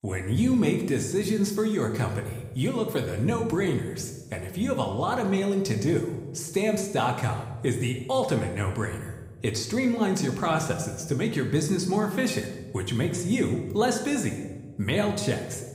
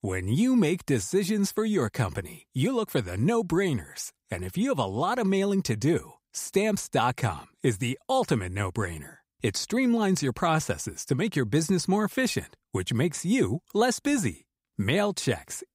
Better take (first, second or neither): second